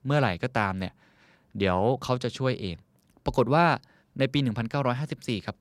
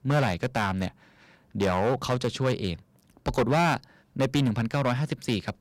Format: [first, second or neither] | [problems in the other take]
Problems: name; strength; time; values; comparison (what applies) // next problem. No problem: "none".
first | distortion; heavy; 7% of the sound clipped